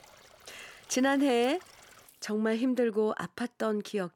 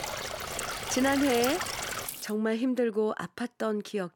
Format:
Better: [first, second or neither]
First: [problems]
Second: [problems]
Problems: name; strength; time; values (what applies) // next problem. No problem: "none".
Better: first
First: rain or running water; faint; until 2.5 s; 25 dB below the speech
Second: rain or running water; loud; until 2.5 s; 4 dB below the speech